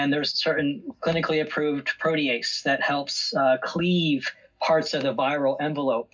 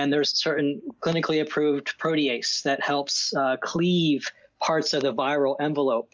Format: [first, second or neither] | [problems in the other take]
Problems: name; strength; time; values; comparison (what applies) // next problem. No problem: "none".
second | room echo; dies away in 0.4 s